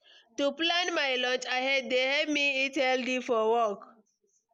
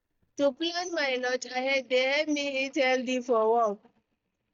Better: first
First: none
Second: noise reduction (neural mask model DeepFilterNet 3)

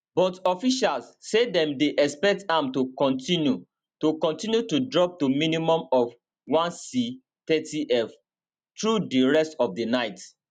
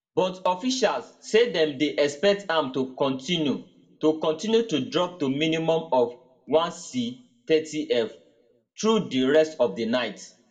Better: first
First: none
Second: room echo; dies away in 0.4 s

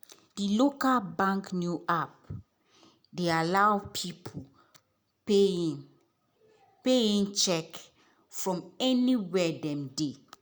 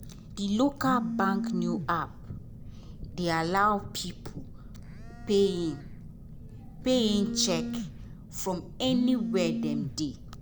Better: first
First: none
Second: background sound (Telephone); 6 dB below the speech

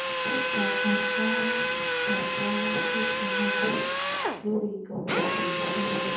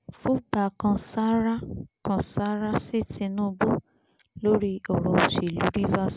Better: second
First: background sound (Drill); 4 dB above the speech // room echo; dies away in 0.7 s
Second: none

